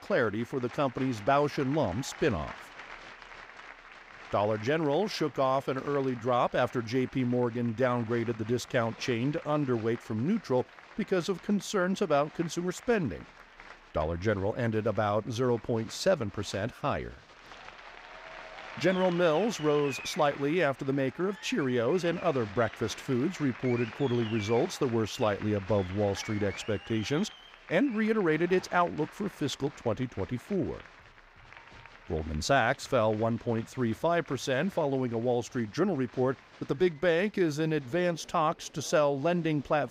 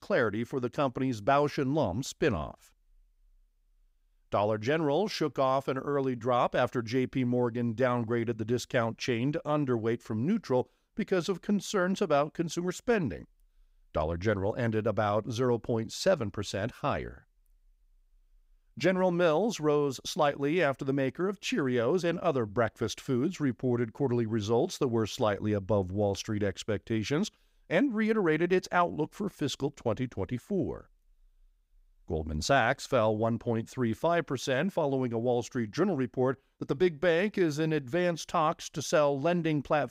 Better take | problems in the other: second | crowd noise; noticeable; throughout; 15 dB below the speech

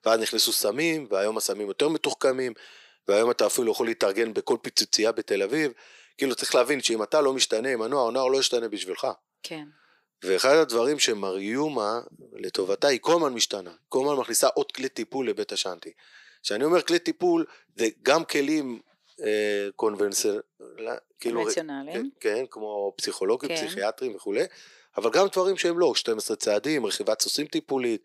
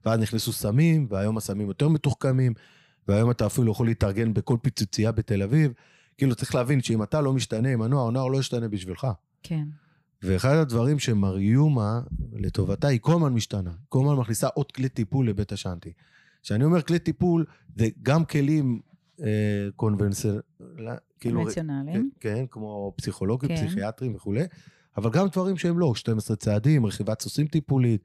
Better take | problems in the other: second | thin; very; fading below 350 Hz

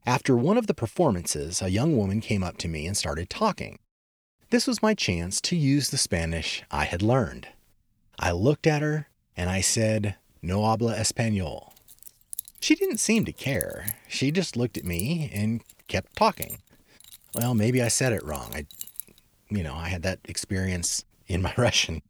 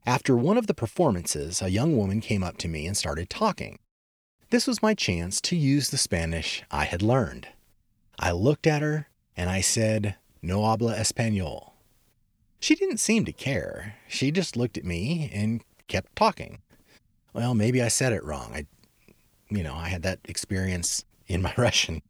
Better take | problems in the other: second | jangling keys; noticeable; from 12 to 19 s; peak 5 dB below the speech

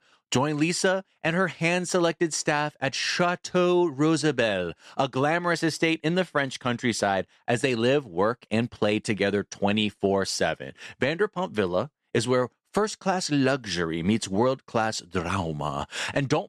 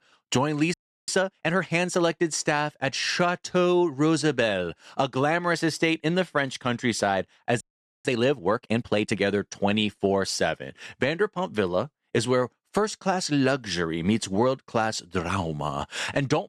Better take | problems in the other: first | audio freezing; at 0.5 s and at 7.5 s

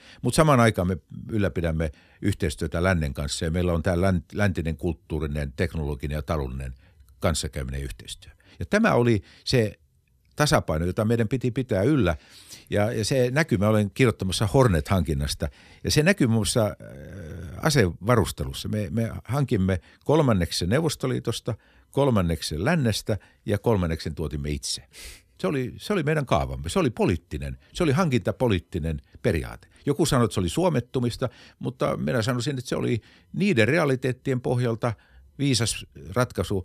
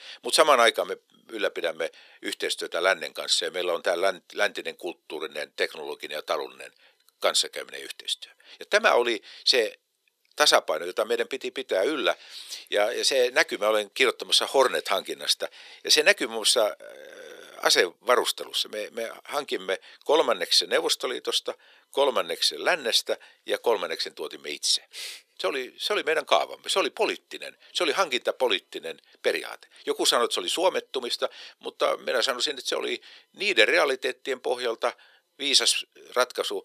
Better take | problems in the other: first | thin; very; fading below 400 Hz

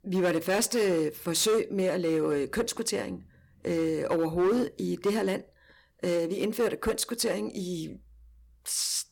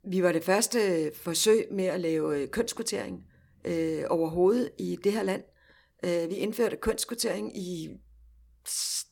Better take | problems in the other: second | distortion; slight; 7% of the sound clipped

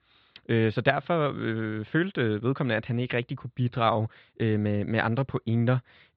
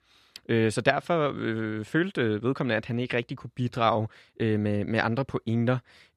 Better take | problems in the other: second | muffled; slightly; fading above 4 kHz

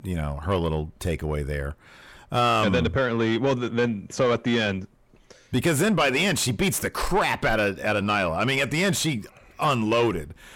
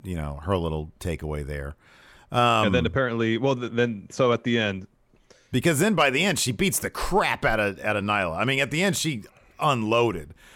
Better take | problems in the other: second | distortion; slight; 10 dB below the speech

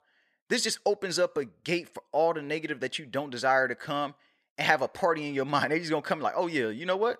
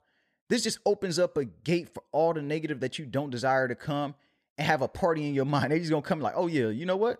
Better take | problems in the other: second | thin; very slightly; fading below 450 Hz

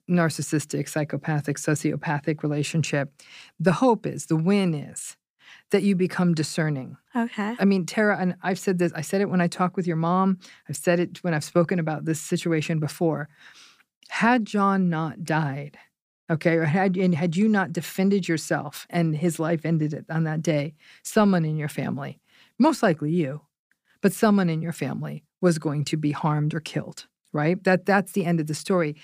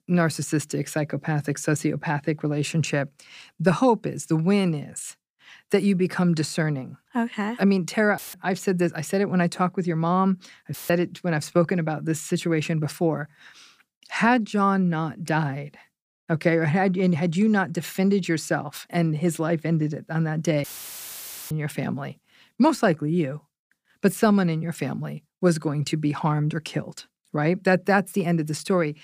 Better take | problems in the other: first | audio cutting out; filled with static; at 8 s, at 11 s and at 21 s for 1 s

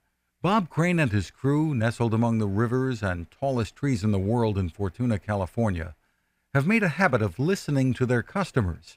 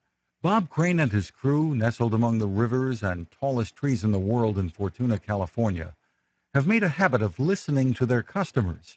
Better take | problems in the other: first | garbled, watery; badly; nothing above 7.5 kHz

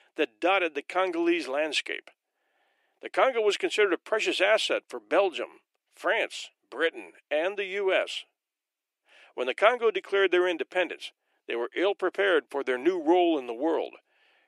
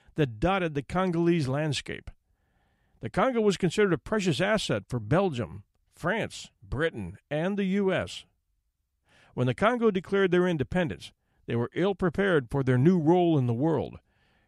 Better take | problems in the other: second | thin; very; fading below 350 Hz

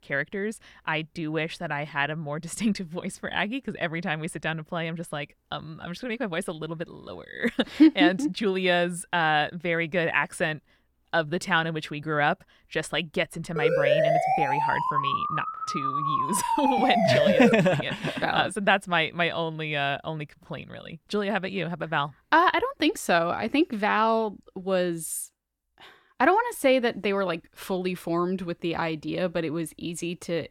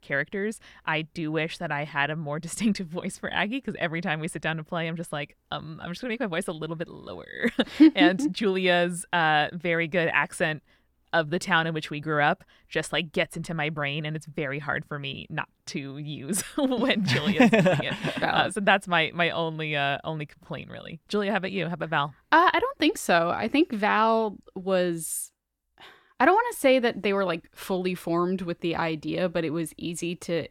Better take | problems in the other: second | siren; loud; from 14 to 18 s; peak 5 dB above the speech

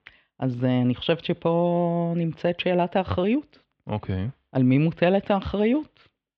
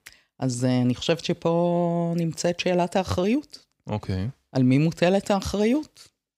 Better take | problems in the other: second | muffled; very; fading above 3.5 kHz

